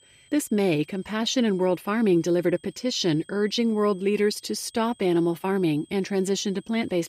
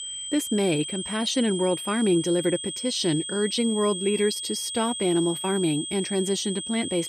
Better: first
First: high-pitched whine; faint; throughout; 3.5 kHz, 30 dB below the speech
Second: high-pitched whine; loud; throughout; 3.5 kHz, 6 dB below the speech

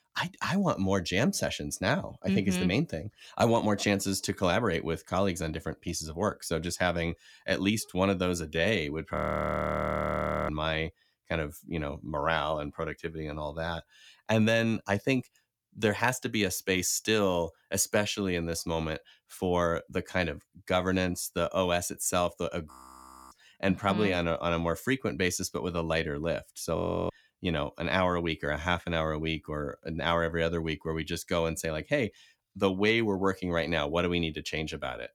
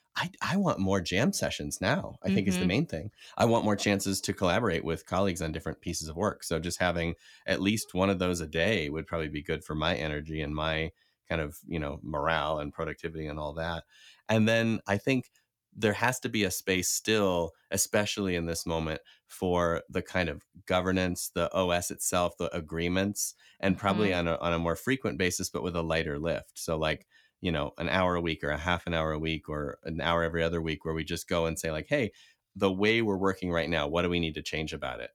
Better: second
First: audio freezing; at 9 s for 1.5 s, at 23 s for 0.5 s and at 27 s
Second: none

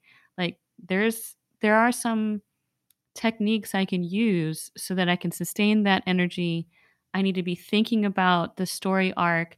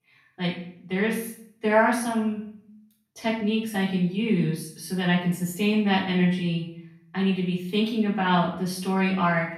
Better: first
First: none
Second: off-mic speech; far // room echo; noticeable; dies away in 0.6 s

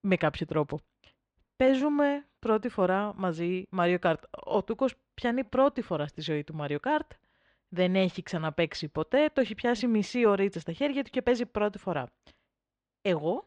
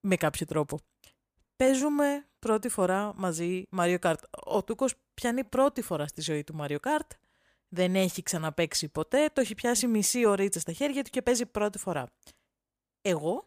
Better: second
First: muffled; slightly; fading above 4 kHz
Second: none

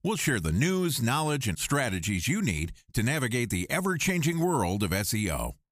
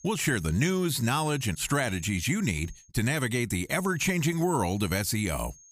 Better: first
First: none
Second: high-pitched whine; faint; until 3 s and from 3.5 s on; 6.5 kHz, 25 dB below the speech

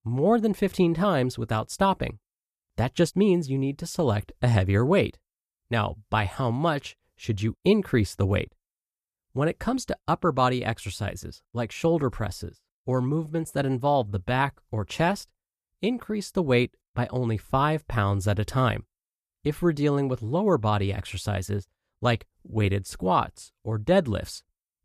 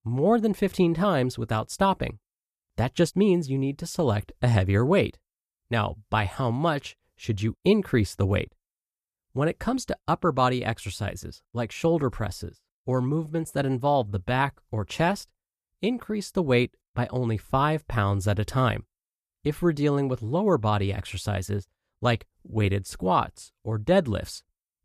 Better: neither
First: none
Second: none

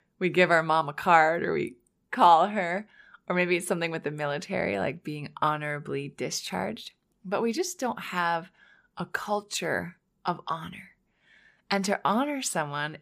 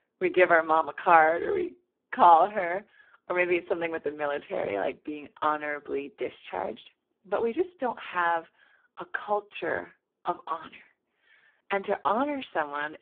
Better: first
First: none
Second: phone-call audio; poor line

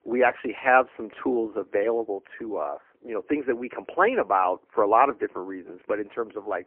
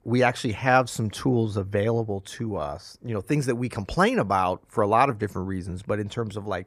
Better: second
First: phone-call audio; poor line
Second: none

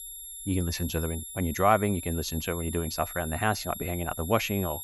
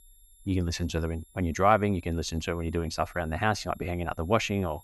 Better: second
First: high-pitched whine; loud; throughout; 11.5 kHz, 8 dB below the speech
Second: high-pitched whine; faint; throughout; 11.5 kHz, 30 dB below the speech

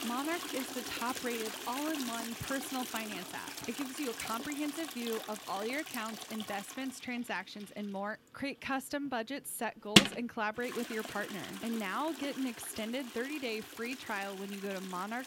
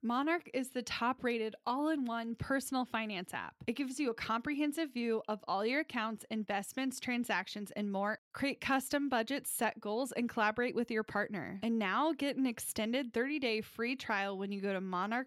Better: second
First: household noises; very loud; throughout; 1 dB above the speech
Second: none

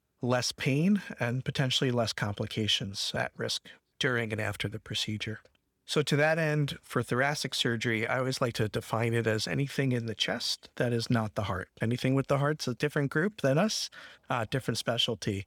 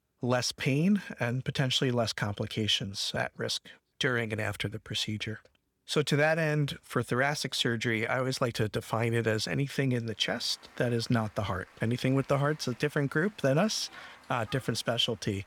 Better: first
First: none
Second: crowd noise; faint; from 10 s on; 25 dB below the speech

